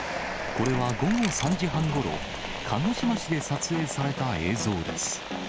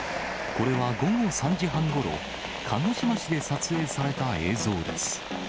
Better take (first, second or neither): second